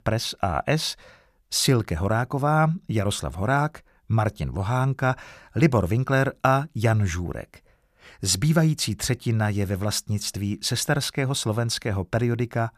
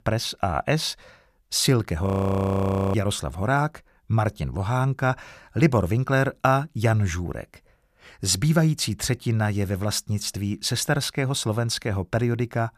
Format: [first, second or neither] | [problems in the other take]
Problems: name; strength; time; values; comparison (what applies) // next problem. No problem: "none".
first | audio freezing; at 2 s for 1 s